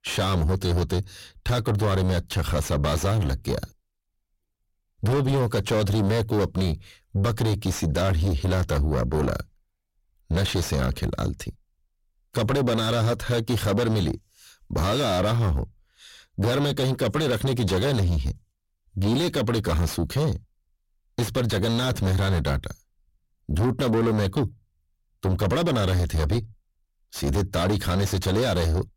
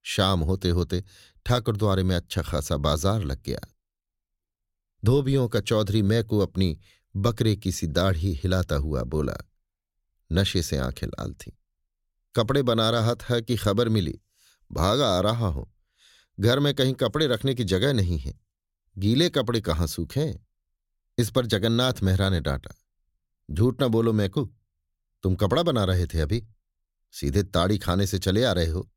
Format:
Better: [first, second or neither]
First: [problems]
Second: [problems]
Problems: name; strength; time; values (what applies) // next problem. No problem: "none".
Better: second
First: distortion; heavy; 5 dB below the speech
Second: none